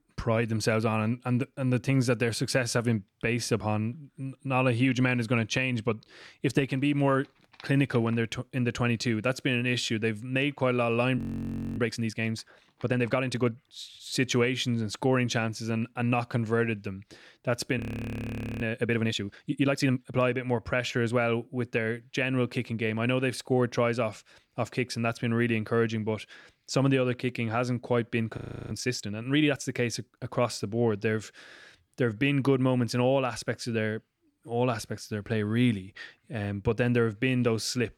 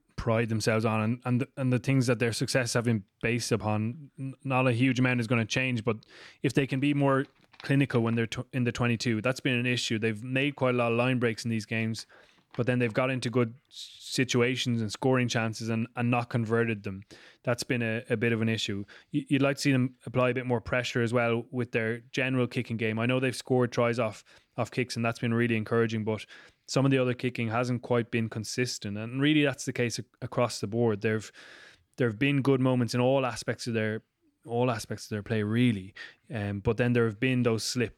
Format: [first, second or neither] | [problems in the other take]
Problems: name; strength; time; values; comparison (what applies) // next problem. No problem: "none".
second | audio freezing; at 11 s for 0.5 s, at 18 s for 1 s and at 28 s